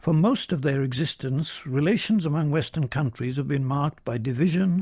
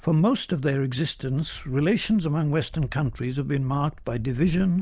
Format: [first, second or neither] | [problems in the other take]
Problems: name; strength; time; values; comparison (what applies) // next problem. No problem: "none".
first | background sound (Wind); 18 dB below the speech